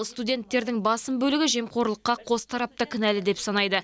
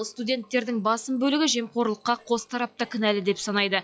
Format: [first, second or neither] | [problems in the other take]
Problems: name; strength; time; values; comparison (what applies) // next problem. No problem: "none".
first | noise reduction (classical method log-MMSE)